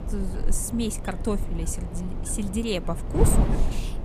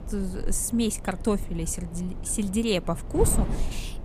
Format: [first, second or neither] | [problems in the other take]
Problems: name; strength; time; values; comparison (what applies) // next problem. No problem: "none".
second | wind noise on the microphone; heavy; 5 dB below the speech; occasional gusts in the second